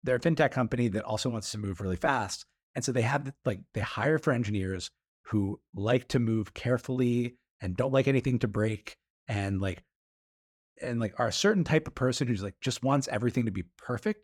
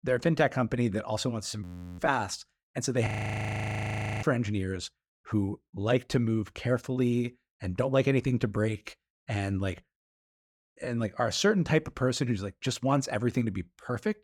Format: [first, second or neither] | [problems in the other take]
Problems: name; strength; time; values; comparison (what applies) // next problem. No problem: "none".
first | audio freezing; at 1.5 s and at 3 s for 1 s